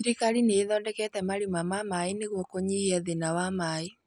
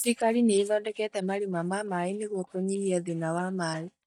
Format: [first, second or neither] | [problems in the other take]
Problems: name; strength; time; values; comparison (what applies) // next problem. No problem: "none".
first | noise reduction (neural mask model DeepFilterNet 3)